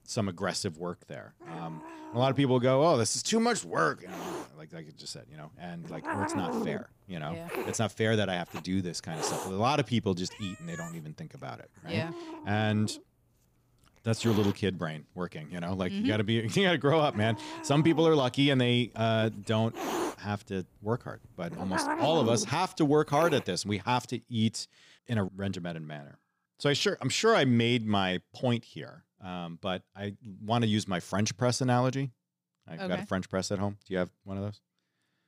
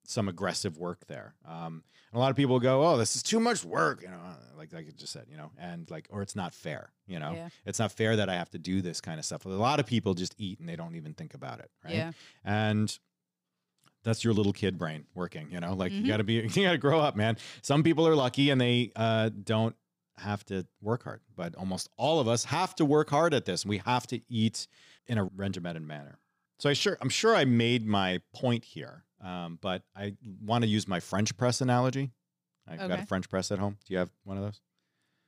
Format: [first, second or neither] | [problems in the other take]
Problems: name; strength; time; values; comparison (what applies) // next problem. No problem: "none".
second | hiss; loud; until 24 s; 9 dB below the speech